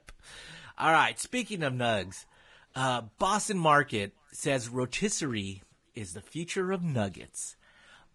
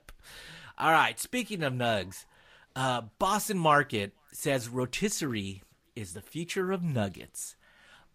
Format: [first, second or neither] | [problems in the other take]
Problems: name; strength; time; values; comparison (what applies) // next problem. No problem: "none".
second | garbled, watery; badly; nothing above 10.5 kHz; slightly in the second